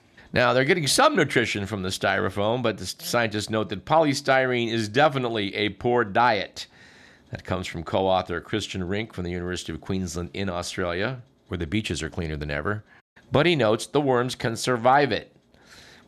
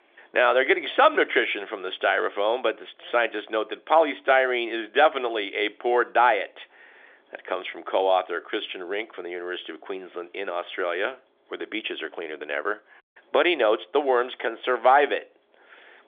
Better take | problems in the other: first | phone-call audio; nothing above 3.5 kHz

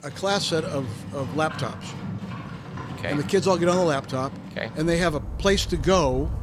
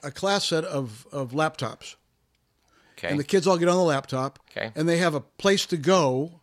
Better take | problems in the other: second | animal sounds; noticeable; throughout; 10 dB below the speech

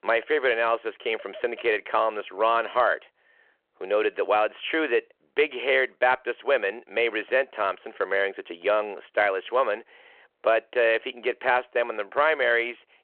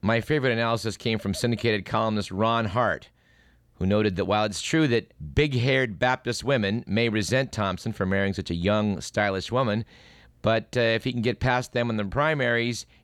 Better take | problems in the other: second | phone-call audio

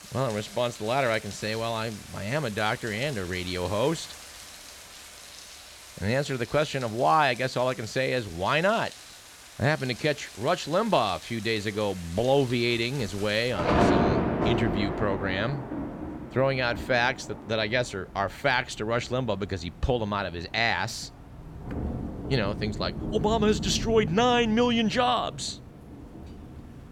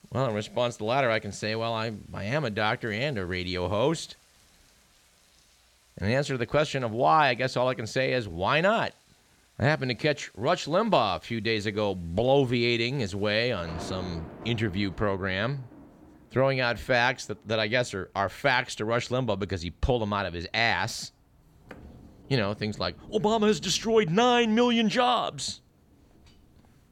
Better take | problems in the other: second | rain or running water; loud; throughout; 8 dB below the speech; faint in the second

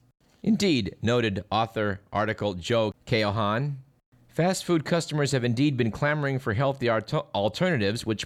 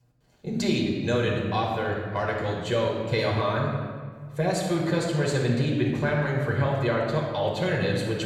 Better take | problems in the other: first | room echo; noticeable; dies away in 1.4 s // off-mic speech; far

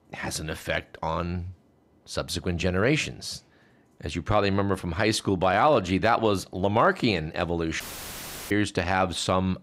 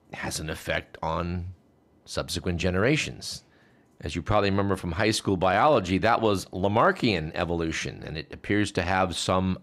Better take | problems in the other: second | audio cutting out; filled with static; at 8 s for 0.5 s

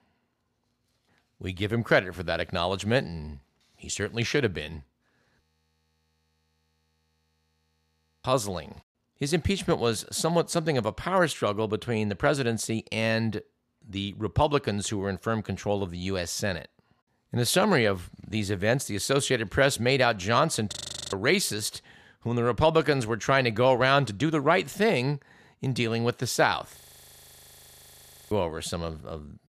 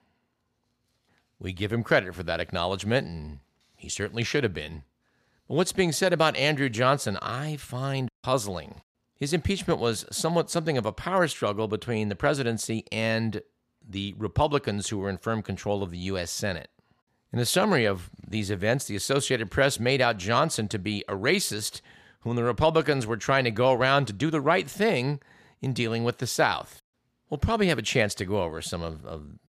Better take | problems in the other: second | audio freezing; at 5.5 s for 3 s, at 21 s and at 27 s for 1.5 s

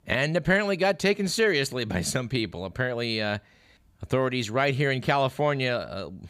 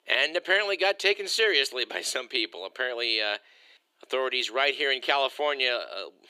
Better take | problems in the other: first | thin; very; fading below 350 Hz

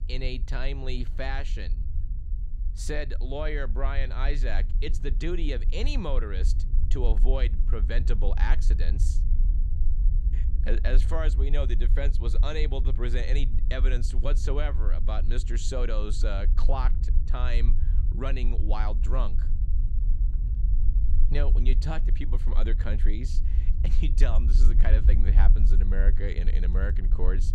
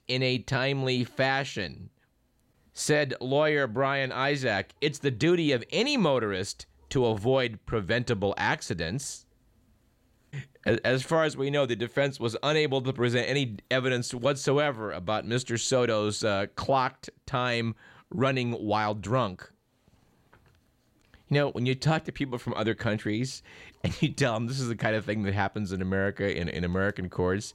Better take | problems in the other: second | low rumble; noticeable; throughout; 10 dB below the speech

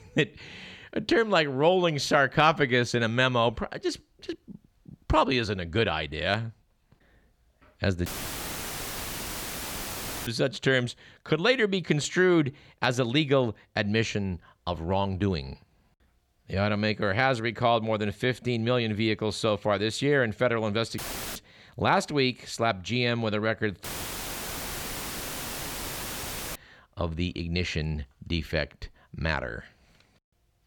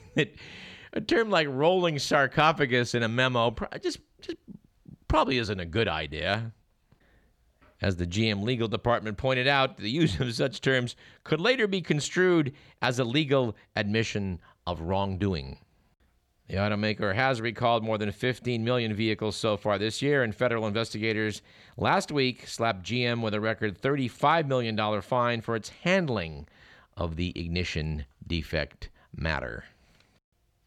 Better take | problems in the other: second | audio cutting out; filled with static; at 8 s for 2 s, at 21 s and at 24 s for 2.5 s

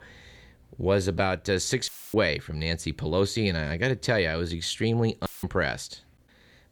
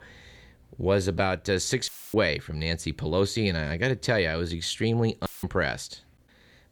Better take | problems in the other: neither | audio cutting out; filled with static; at 2 s and at 5.5 s; the same in both

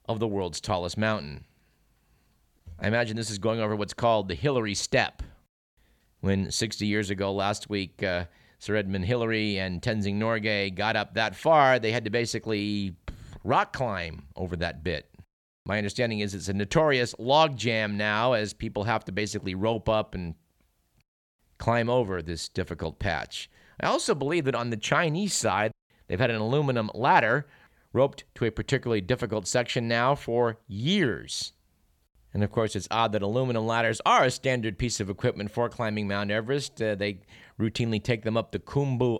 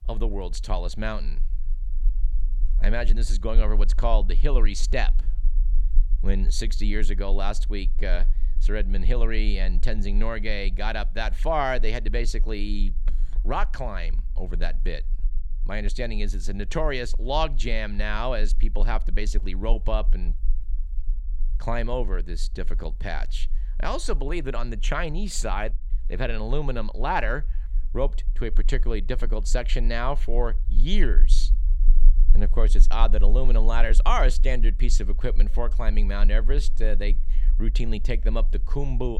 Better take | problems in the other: first | low rumble; faint; throughout; 25 dB below the speech

